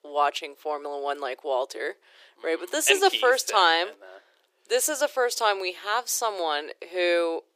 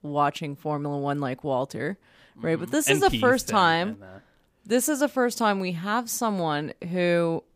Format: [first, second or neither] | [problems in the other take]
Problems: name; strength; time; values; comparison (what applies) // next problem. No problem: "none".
second | thin; very; fading below 350 Hz